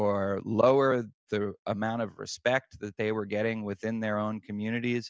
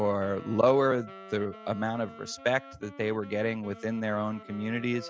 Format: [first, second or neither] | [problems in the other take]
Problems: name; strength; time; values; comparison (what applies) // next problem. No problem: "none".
first | background sound (Wind instrument, woodwind instrument + Wind instrument, woodwind instrument); 17 dB below the speech